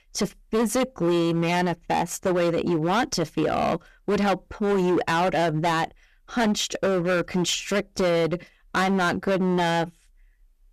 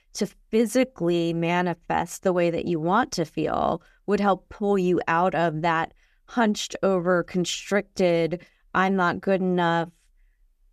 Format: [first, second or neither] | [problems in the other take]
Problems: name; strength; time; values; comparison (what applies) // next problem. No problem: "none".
second | distortion; heavy; 17% of the sound clipped